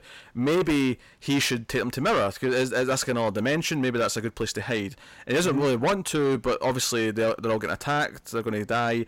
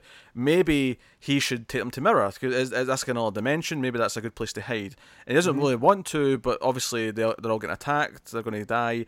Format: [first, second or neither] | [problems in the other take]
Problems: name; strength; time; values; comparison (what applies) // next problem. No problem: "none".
second | distortion; heavy; 8 dB below the speech